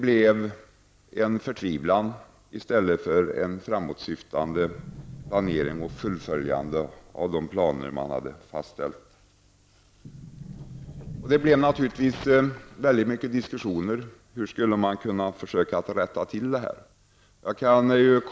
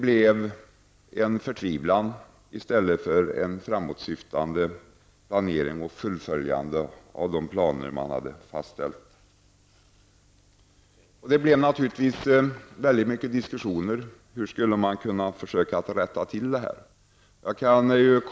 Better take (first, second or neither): second